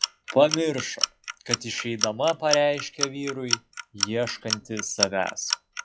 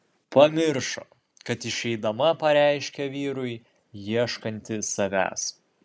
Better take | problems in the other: second | noise reduction (classical method log-MMSE)

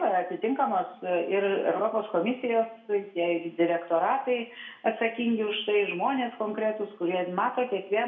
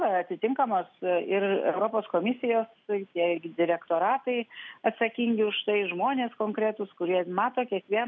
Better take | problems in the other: second | room echo; dies away in 0.6 s

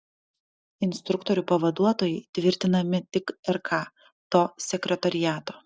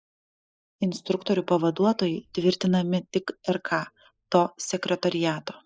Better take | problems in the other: first | noise reduction (neural mask model Resemble Enhance denoiser)

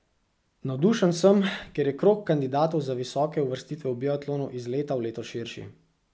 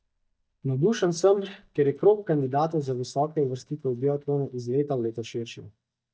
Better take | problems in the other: first | noise reduction (neural mask model DeepFilterNet 3)

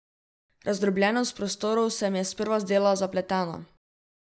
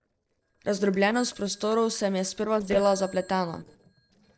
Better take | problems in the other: first | noise reduction (neural separator model SepFormer DNS4)

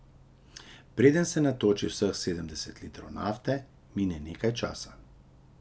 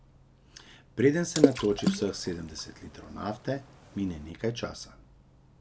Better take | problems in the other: first | background sound (Water / Splash, splatter); as loud as the speech

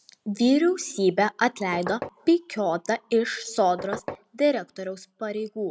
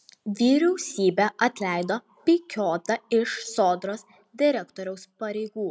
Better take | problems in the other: second | background sound (Knock); 9 dB below the speech

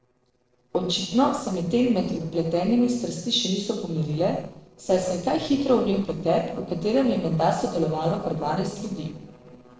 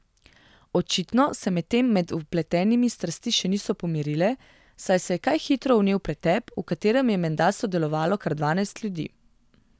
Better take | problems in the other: second | noise reduction (neural separator model SepFormer DNS4)

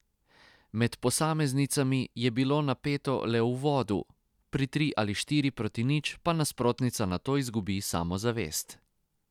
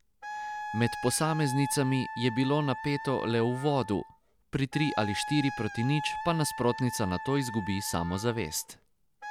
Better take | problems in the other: first | background sound (Wind instrument, woodwind instrument); 9 dB below the speech

